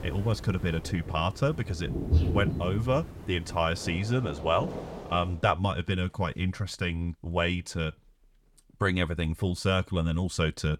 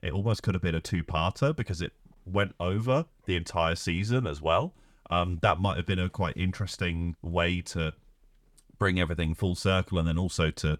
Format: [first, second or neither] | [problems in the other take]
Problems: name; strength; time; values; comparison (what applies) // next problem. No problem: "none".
second | rain or running water; loud; until 5 s; 6 dB below the speech